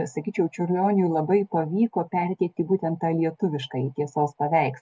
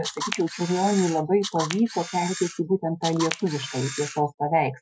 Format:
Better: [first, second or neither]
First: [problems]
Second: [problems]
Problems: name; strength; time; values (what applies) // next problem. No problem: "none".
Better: first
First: none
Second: noise reduction (classical method Wiener filter)